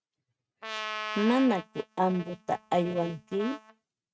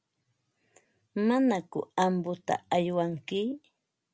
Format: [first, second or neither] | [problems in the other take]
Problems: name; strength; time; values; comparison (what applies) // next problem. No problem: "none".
second | noise reduction (neural mask model RNNoise)